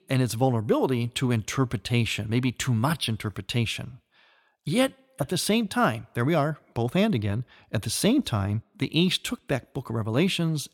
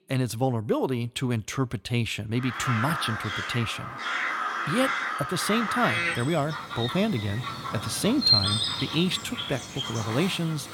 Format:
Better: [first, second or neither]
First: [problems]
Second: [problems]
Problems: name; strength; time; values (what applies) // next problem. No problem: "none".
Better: first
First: none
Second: animal sounds; very loud; from 2.5 s on; as loud as the speech